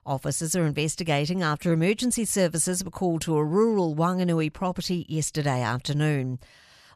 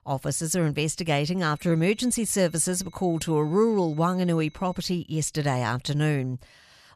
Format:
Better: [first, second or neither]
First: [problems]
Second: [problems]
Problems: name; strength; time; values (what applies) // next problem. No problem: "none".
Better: first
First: none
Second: high-pitched whine; faint; from 1.5 to 5 s; 4 kHz, 30 dB below the speech